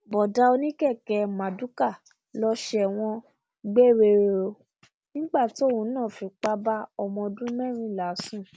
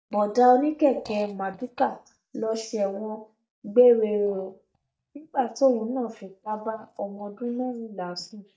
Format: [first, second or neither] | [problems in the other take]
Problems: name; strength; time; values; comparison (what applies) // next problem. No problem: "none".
first | noise reduction (neural mask model DeepFilterNet 3)